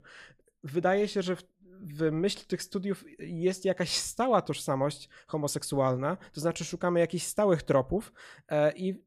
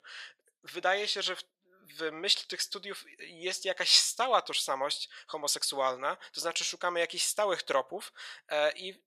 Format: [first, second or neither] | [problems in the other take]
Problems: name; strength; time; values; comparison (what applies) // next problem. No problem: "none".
first | thin; very; fading below 750 Hz